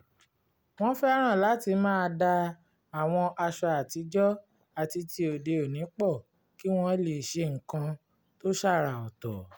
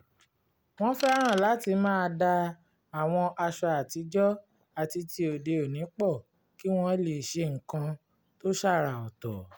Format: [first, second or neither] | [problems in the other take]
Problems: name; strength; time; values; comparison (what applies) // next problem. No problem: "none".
first | background sound (Ratchet, pawl / Tools); 14 dB below the speech